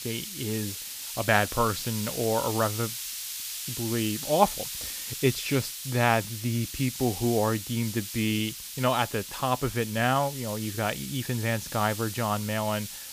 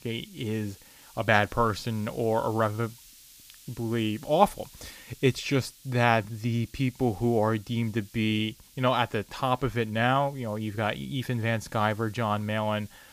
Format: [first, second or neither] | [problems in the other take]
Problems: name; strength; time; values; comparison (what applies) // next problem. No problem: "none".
second | hiss; loud; throughout; 6 dB below the speech; faint in the second